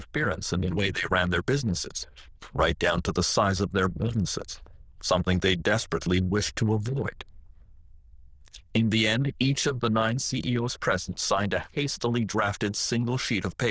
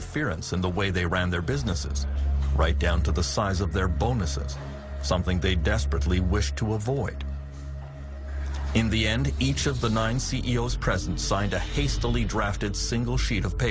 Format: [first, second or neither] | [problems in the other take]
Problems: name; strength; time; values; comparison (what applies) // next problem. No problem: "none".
second | noise reduction (neural diffusion model UNIVERSE++)